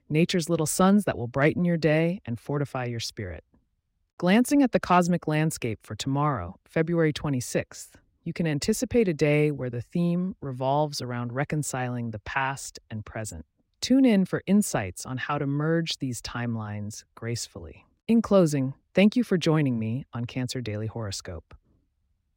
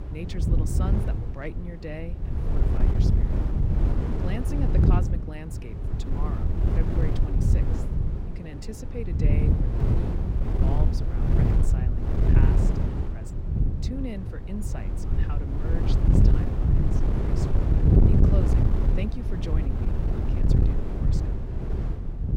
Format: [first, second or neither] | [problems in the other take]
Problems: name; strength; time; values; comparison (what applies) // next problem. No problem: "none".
first | wind noise on the microphone; heavy; 5 dB above the speech